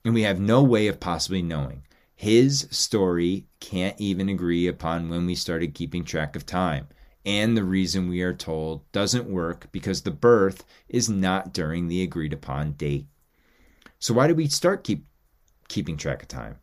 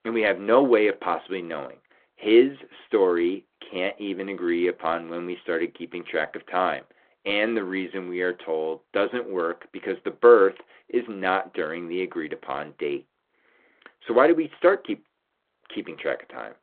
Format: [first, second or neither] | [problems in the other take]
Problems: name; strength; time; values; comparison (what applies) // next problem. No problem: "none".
first | phone-call audio